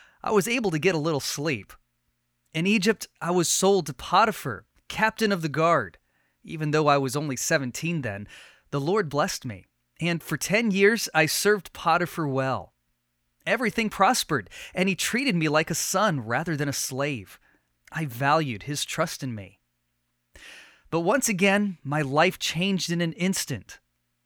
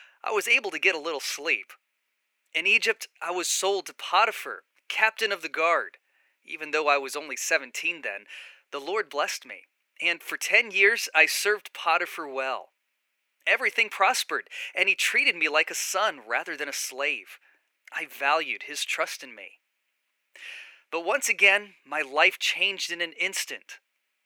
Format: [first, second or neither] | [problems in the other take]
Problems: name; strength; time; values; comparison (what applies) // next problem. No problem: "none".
first | thin; very; fading below 400 Hz